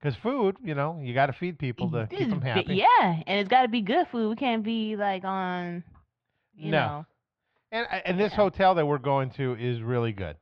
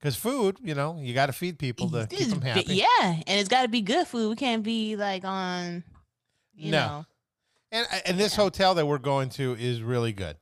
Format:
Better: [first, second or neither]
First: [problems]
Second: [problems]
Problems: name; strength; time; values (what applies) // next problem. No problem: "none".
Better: second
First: muffled; very; fading above 3 kHz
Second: none